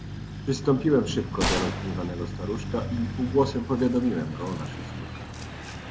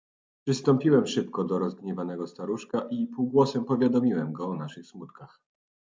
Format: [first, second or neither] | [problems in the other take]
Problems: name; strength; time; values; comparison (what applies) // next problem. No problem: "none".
second | background sound (Truck + Gunshot, gunfire); 5 dB below the speech